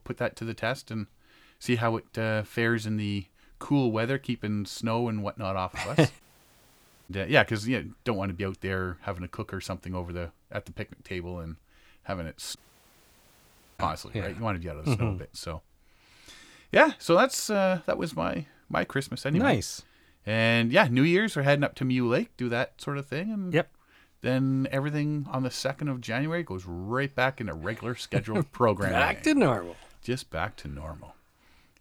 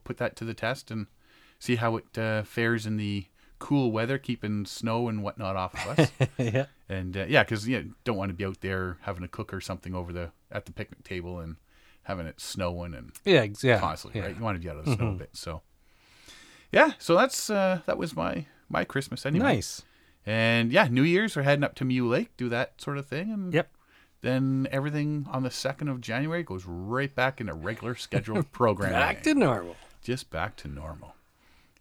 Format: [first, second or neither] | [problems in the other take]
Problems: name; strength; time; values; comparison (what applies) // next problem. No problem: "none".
second | audio cutting out; at 6 s for 1 s and at 13 s for 1 s